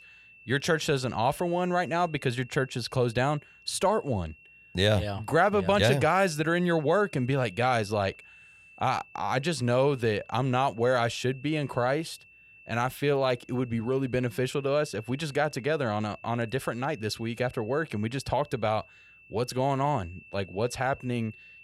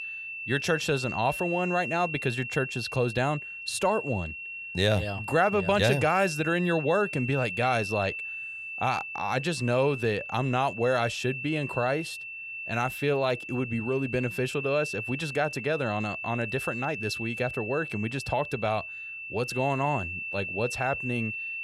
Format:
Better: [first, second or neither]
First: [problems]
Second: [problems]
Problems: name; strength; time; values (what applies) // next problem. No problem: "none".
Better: first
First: high-pitched whine; faint; throughout; 2.5 kHz, 25 dB below the speech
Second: high-pitched whine; loud; throughout; 2.5 kHz, 6 dB below the speech